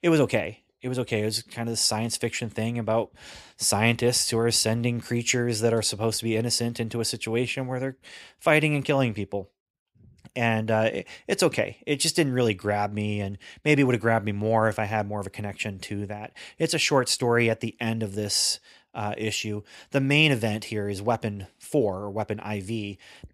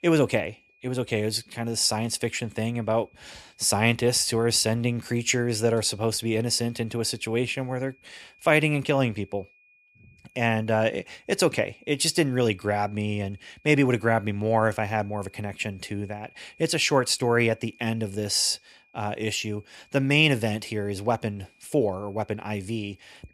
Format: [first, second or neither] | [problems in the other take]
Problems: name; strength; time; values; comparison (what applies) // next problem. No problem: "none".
first | high-pitched whine; faint; throughout; 2.5 kHz, 30 dB below the speech